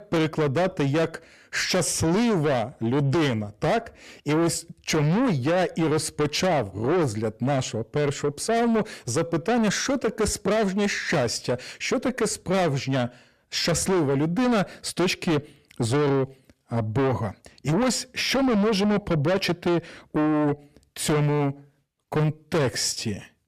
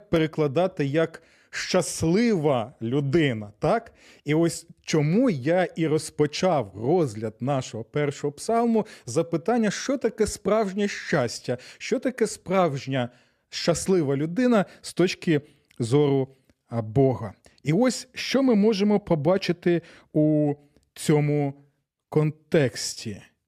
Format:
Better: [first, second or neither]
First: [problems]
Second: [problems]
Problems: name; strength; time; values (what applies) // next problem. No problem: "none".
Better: second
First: distortion; heavy; 6 dB below the speech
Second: none